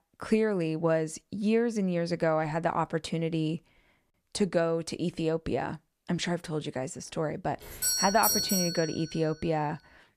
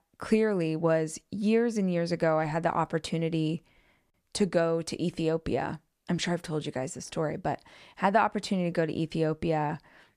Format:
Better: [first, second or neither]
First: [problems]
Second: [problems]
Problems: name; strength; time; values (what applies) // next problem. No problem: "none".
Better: second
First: doorbell; loud; from 7.5 to 9 s; peak 5 dB above the speech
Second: none